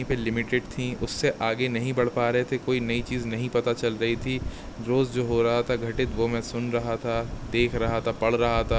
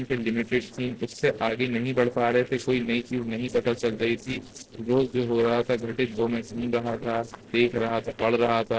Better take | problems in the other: first | noise reduction (neural separator model SepFormer DNS4)

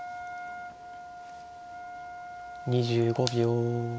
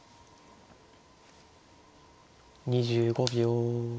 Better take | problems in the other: second | background sound (Wind instrument, woodwind instrument); 11 dB below the speech

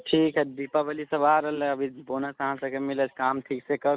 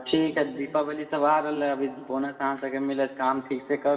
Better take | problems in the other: first | room echo; dies away in 2 s

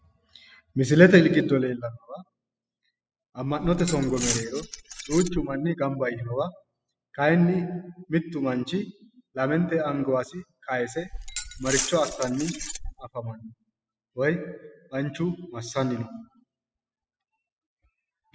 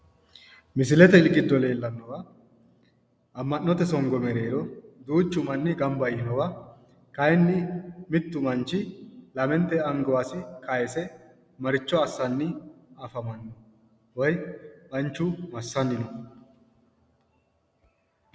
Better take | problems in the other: second | noise reduction (classical method spectral subtraction)

